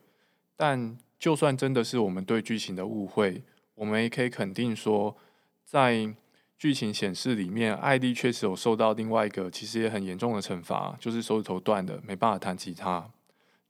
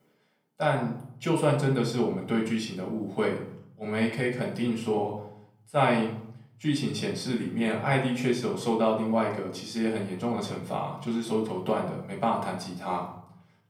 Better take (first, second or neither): first